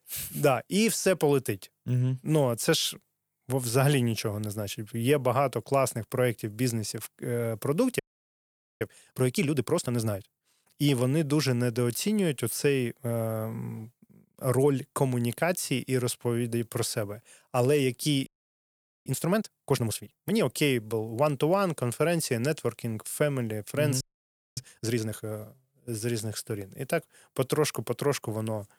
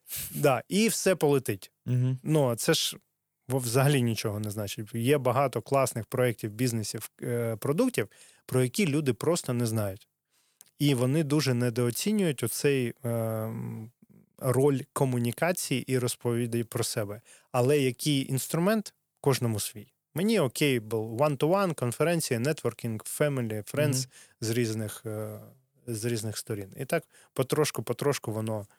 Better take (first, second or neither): second